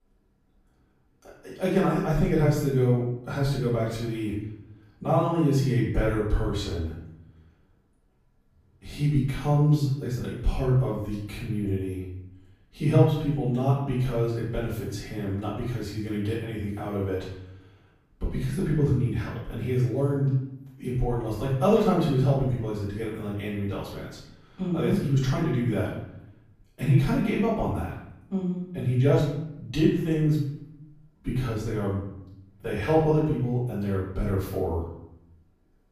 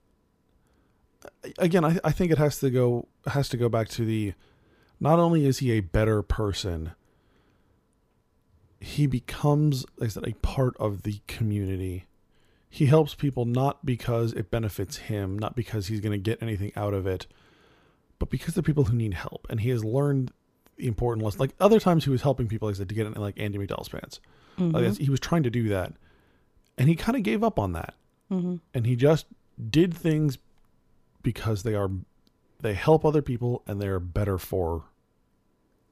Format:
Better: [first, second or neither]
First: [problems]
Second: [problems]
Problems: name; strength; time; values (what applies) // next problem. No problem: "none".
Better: second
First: off-mic speech; far // room echo; noticeable; dies away in 0.7 s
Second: none